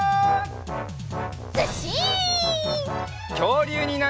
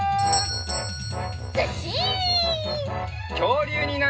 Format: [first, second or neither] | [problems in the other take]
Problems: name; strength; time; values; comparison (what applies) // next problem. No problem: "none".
first | background sound (Doorbell); 10 dB below the speech // room echo; dies away in 0.2 s